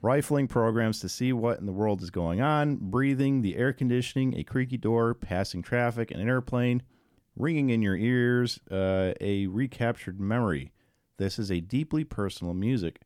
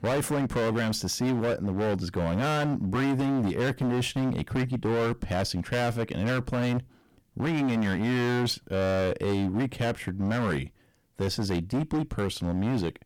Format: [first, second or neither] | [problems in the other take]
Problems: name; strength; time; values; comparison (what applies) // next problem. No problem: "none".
first | distortion; heavy; 25% of the sound clipped